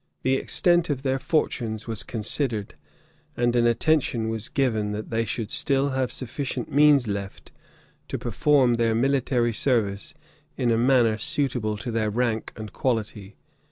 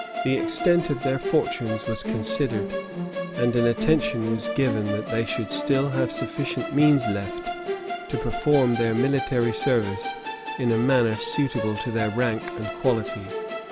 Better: first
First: none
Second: background sound (Musical instrument); 6 dB below the speech

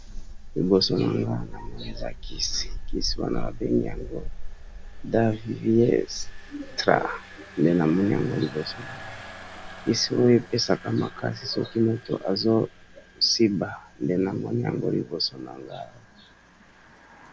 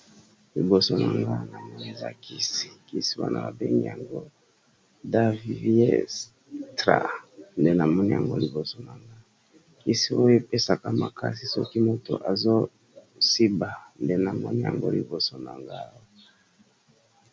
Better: second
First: background sound (Engine); 10 dB below the speech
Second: none

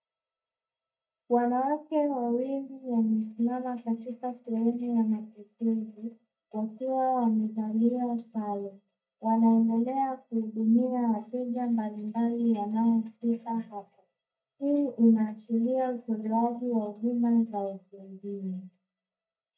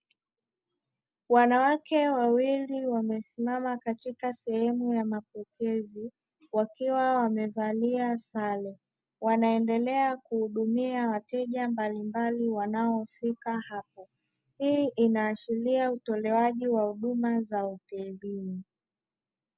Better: second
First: noise reduction (neural mask model DeepFilterNet 3)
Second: none

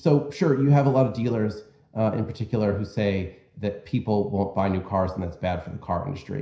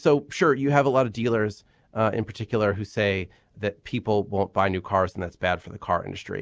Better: second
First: room echo; dies away in 0.5 s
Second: none

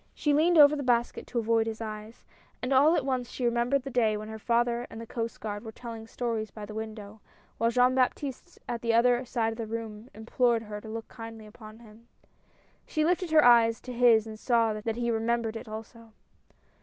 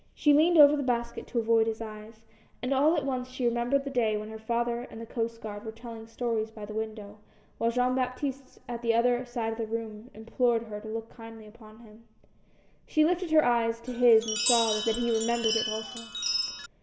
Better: first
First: none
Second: background sound (Chime); 4 dB below the speech // room echo; dies away in 1.5 s

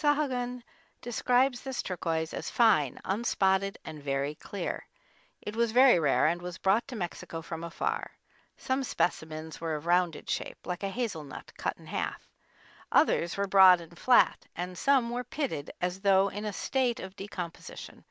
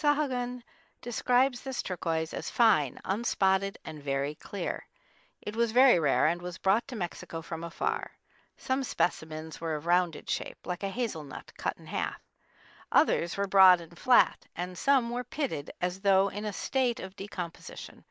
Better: first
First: none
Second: noise reduction (neural mask model Resemble Enhance denoiser)

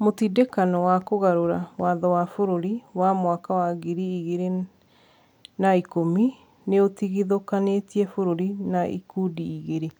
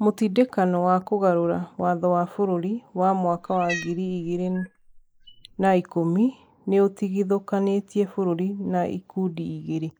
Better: first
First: none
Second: noise reduction (neural mask model Resemble Enhance denoiser)

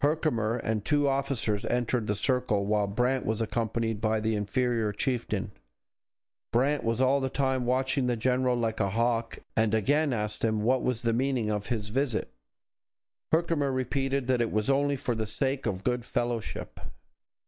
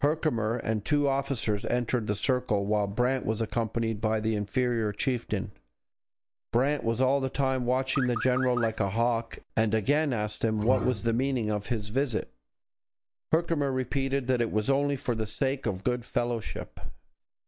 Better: first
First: none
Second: background sound (Bowed string instrument + Car); 8 dB below the speech

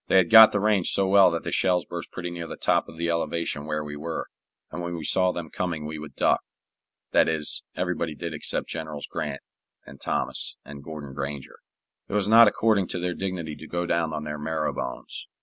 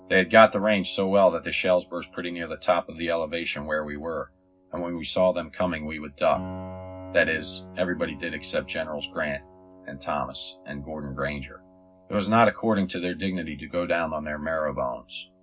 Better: first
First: none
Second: background sound (Piano); 20 dB below the speech // room echo; dies away in 0.4 s

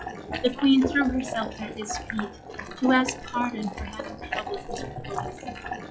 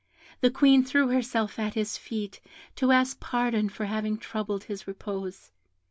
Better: second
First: noise reduction (classical method log-MMSE)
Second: none

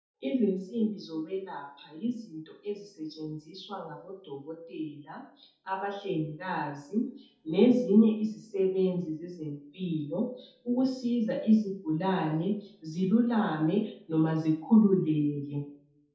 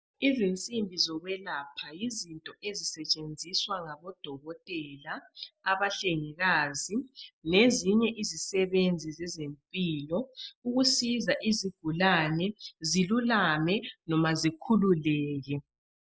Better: second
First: room echo; dies away in 0.5 s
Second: none

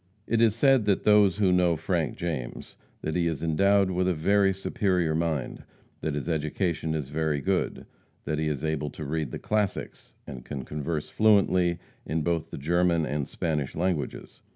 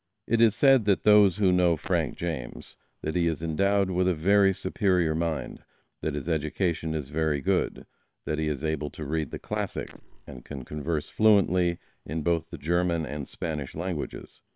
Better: first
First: none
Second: noise reduction (neural separator model SepFormer WHAM!)

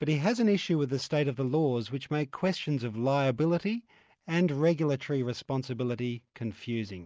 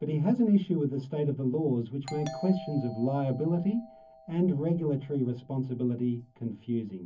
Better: first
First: none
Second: background sound (Doorbell); 19 dB below the speech // room echo; dies away in 0.3 s

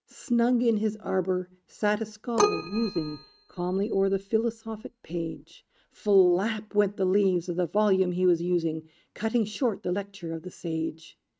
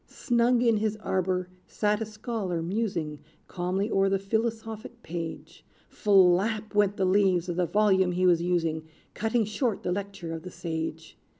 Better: second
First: noise reduction (neural mask model RNNoise)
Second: none

